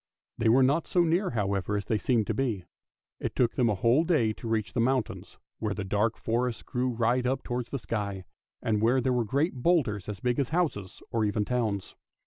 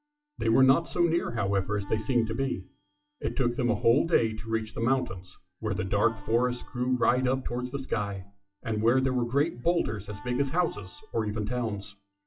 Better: first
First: none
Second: noise reduction (classical method WPE with log-MMSE)

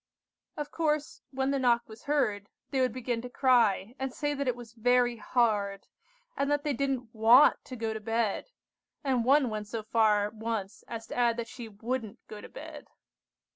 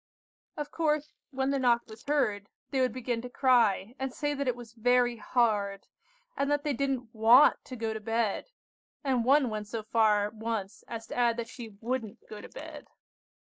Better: first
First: none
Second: noise reduction (neural mask model Resemble Enhance denoiser)

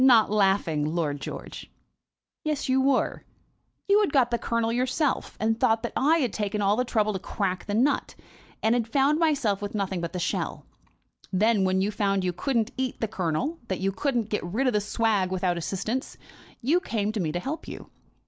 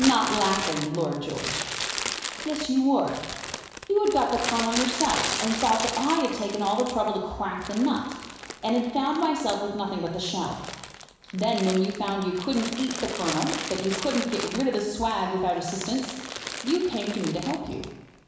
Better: first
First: none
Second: background sound (Crumpling, crinkling); 8 dB below the speech // room echo; dies away in 1 s

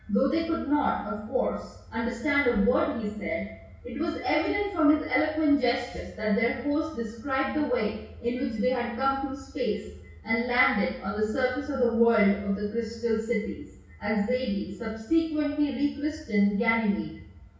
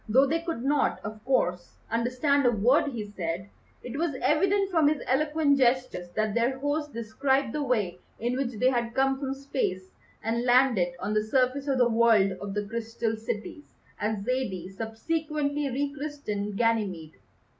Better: second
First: room echo; dies away in 0.6 s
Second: none

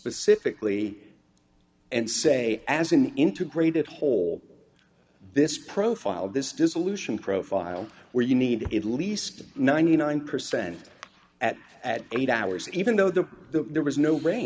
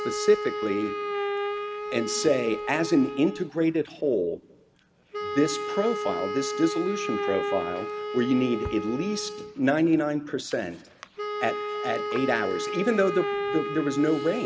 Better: first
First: none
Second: background sound (Wind instrument, woodwind instrument); 5 dB below the speech

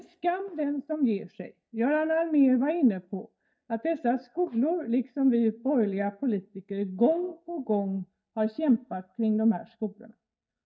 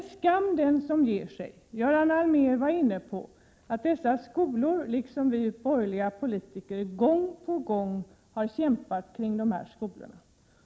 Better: second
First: noise reduction (neural mask model DeepFilterNet 3)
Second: none

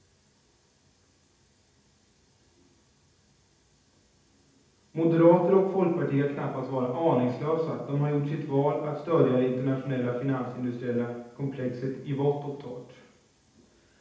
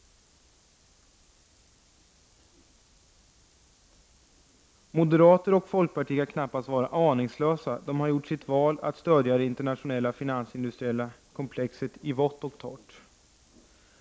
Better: second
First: room echo; dies away in 0.8 s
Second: none

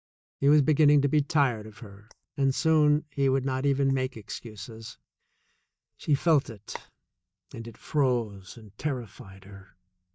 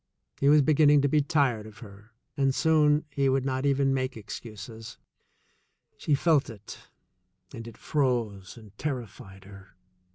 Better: second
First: noise reduction (neural mask model DeepFilterNet 3)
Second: none

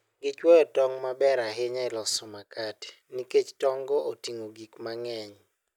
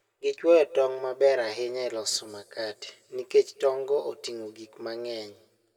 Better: first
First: none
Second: room echo; dies away in 2.1 s

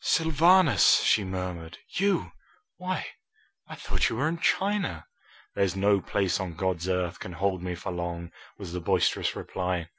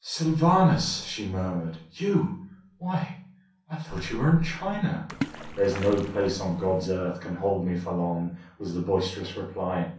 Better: first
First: none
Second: background sound (Splash, splatter); 10 dB below the speech // room echo; dies away in 0.6 s

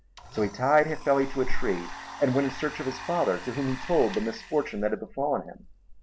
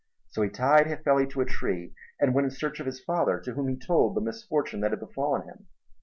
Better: second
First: background sound (Domestic sounds, home sounds); 16 dB below the speech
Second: none

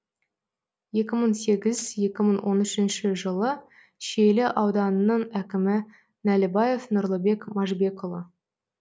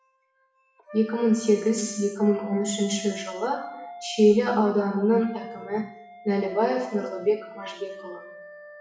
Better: first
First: none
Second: noise reduction (classical method WPE with log-MMSE)

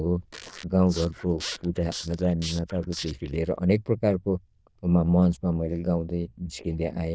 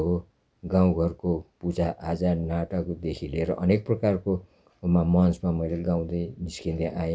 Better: second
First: noise reduction (neural diffusion model UNIVERSE++)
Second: none

